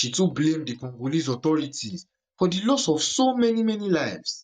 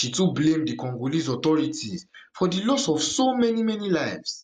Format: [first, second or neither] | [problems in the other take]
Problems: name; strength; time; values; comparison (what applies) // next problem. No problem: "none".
second | noise reduction (neural mask model DeepFilterNet 3)